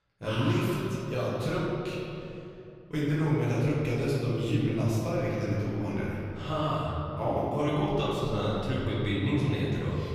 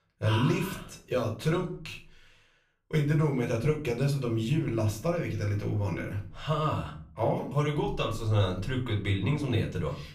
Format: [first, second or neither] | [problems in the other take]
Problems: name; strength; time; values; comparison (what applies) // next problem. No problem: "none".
second | room echo; strong; dies away in 2.6 s; slight in the second // off-mic speech; far; somewhat distant in the second